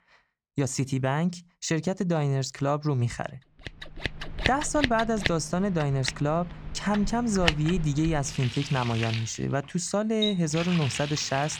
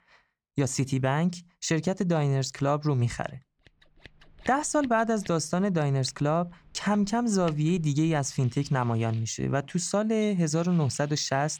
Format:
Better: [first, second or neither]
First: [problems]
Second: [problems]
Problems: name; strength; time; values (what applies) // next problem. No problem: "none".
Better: second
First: household noises; loud; from 4 s on; 6 dB below the speech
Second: household noises; faint; from 4 s on; 25 dB below the speech